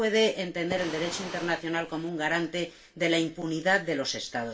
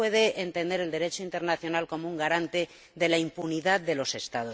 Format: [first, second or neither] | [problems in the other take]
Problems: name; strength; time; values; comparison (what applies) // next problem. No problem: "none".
second | background sound (Fire); 12 dB below the speech // room echo; dies away in 0.2 s